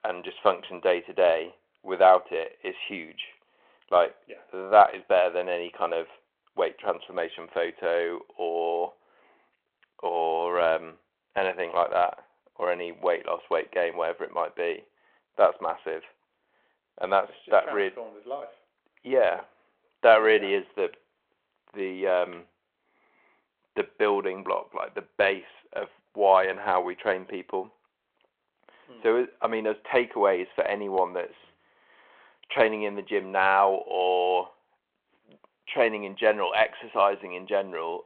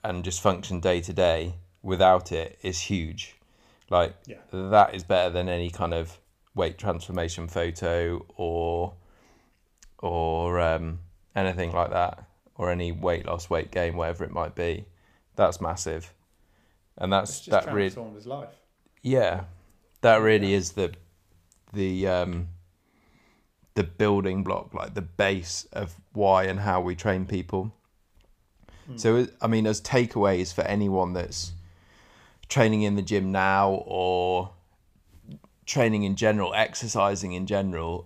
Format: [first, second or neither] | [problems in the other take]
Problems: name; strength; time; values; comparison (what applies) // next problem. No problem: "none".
second | phone-call audio